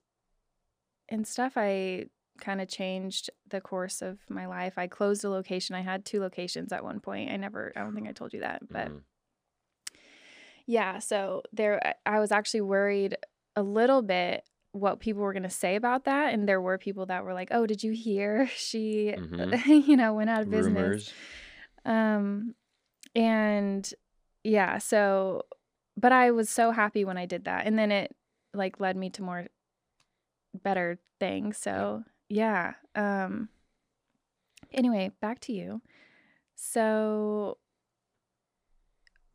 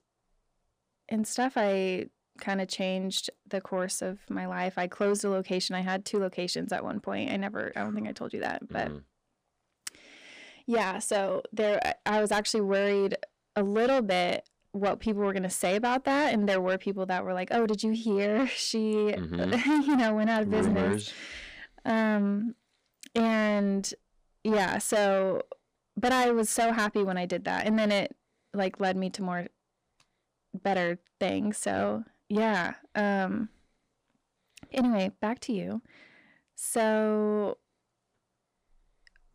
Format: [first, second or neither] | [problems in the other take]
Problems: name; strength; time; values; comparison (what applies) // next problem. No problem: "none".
first | distortion; heavy; 8 dB below the speech